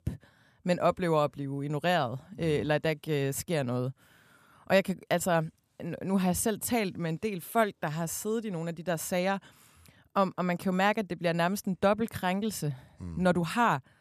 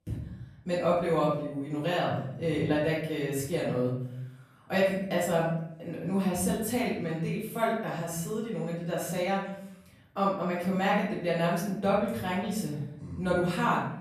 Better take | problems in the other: first | off-mic speech; far // room echo; noticeable; dies away in 0.7 s

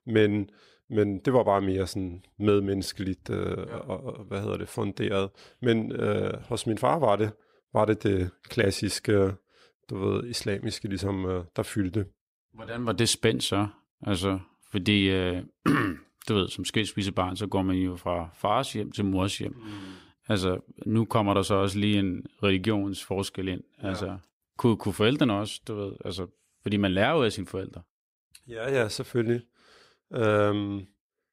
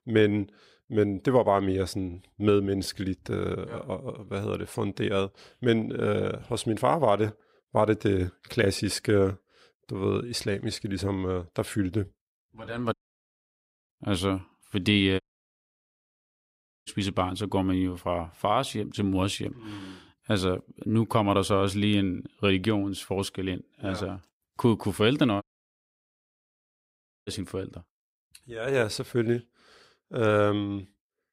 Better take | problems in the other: first | audio cutting out; at 13 s for 1 s, at 15 s for 1.5 s and at 25 s for 2 s

